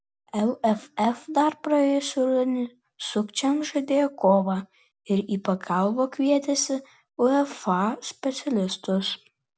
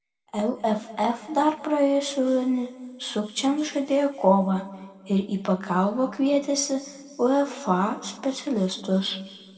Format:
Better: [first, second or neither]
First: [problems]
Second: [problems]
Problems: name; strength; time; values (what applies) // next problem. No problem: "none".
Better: first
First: none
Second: room echo; dies away in 1.7 s